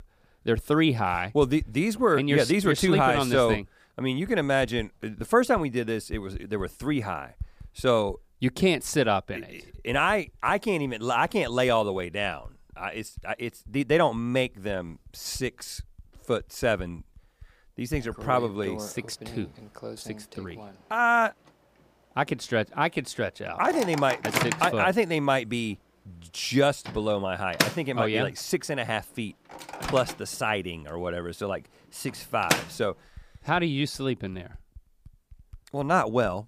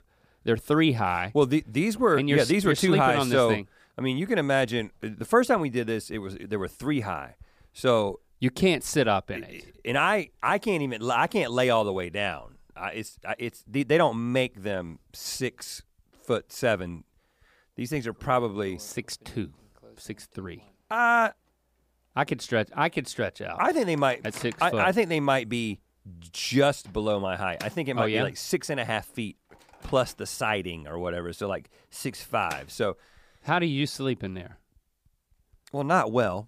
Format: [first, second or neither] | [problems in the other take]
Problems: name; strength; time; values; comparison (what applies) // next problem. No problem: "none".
second | household noises; loud; throughout; 9 dB below the speech; faint in the second